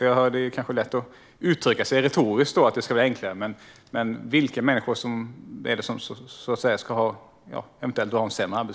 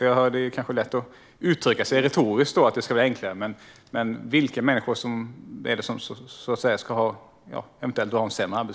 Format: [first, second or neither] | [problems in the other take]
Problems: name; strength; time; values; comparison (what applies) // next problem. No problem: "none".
first | background sound (Brass instrument); 20 dB below the speech